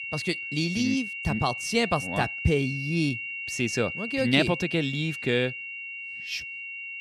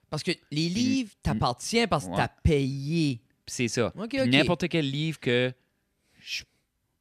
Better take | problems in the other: second | high-pitched whine; loud; throughout; 2.5 kHz, 6 dB below the speech

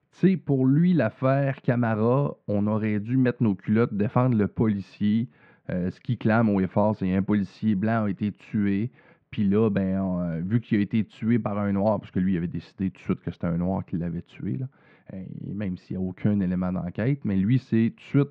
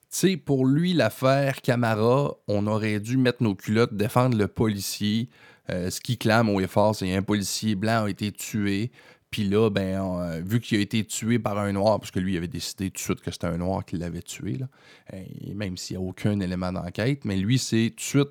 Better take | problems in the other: second | muffled; very; fading above 2.5 kHz

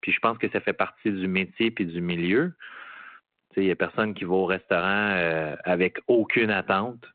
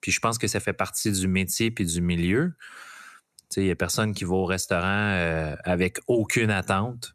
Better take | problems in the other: second | phone-call audio

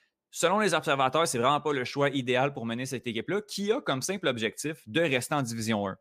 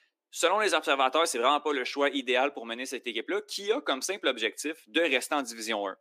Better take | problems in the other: first | thin; very slightly; fading below 300 Hz

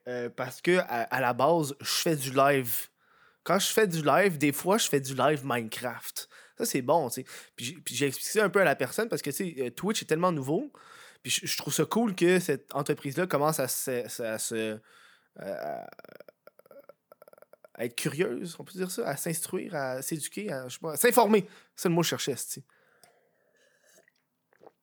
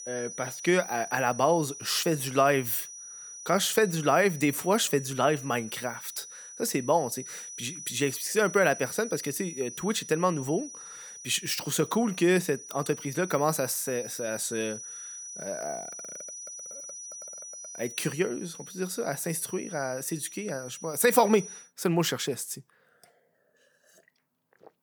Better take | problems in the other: first | high-pitched whine; noticeable; until 22 s; 6 kHz, 10 dB below the speech

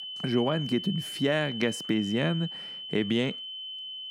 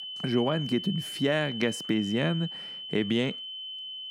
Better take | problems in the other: neither | high-pitched whine; loud; throughout; 3 kHz, 7 dB below the speech; the same in both

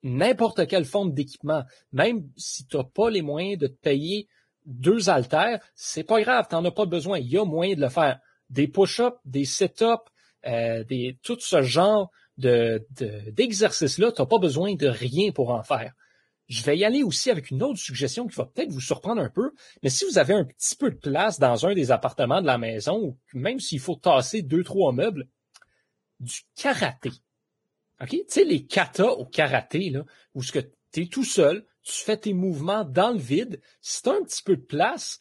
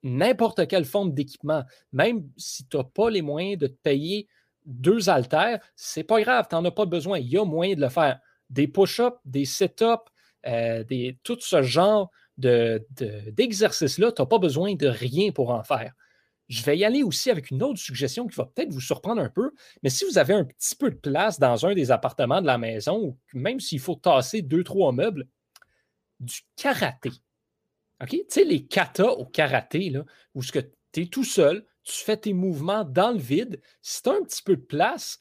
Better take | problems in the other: second | garbled, watery; badly; nothing above 10.5 kHz

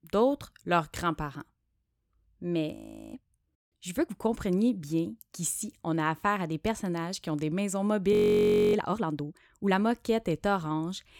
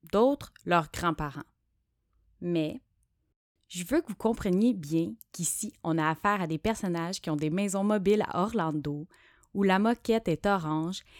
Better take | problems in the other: second | audio freezing; at 2.5 s and at 8 s for 0.5 s

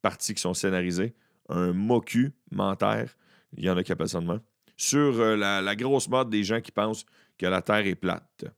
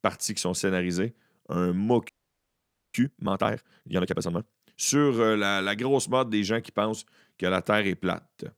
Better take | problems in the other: first | audio freezing; at 2 s for 1 s

